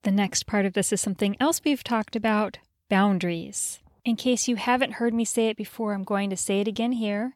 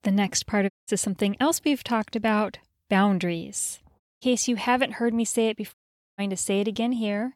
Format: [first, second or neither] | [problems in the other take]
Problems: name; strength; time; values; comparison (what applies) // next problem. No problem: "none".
first | audio cutting out; at 0.5 s, at 4 s and at 5.5 s